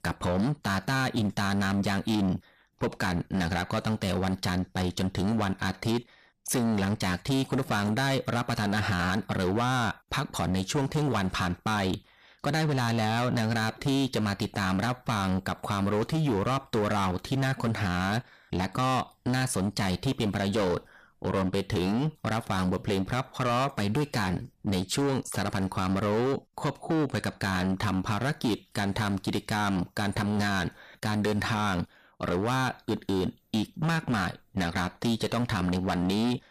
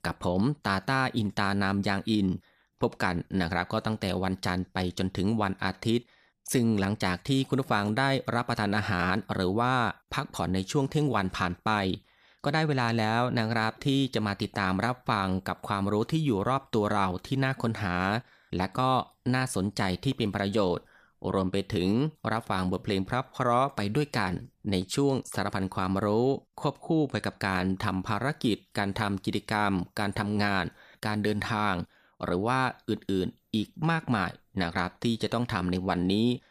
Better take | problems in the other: second | distortion; heavy; 18% of the sound clipped

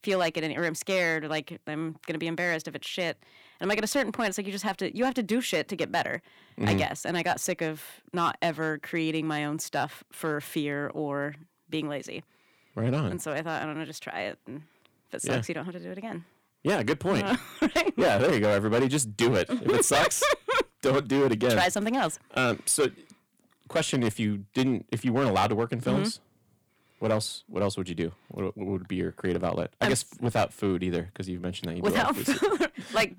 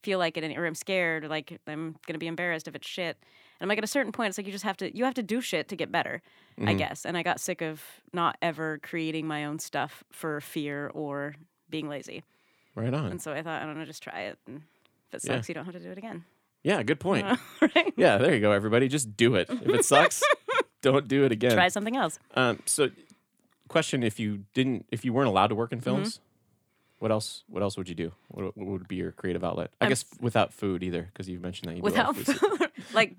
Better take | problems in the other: second | distortion; heavy; 5% of the sound clipped

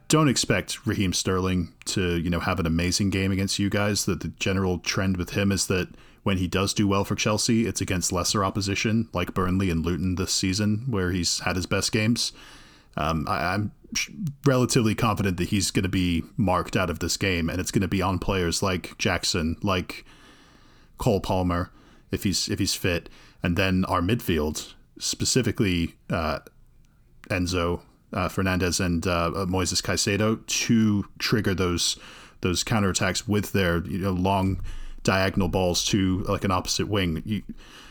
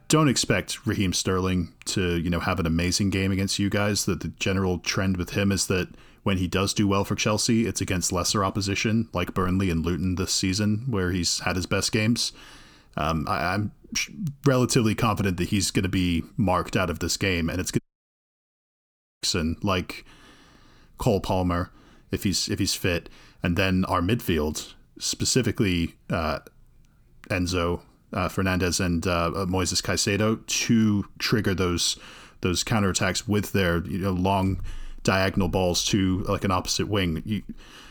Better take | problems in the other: first | audio cutting out; at 18 s for 1.5 s

